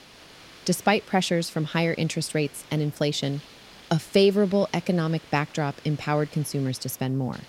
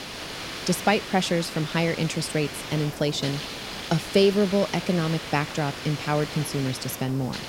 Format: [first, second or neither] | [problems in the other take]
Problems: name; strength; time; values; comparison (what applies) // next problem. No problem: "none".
first | hiss; loud; throughout; 8 dB below the speech; faint in the first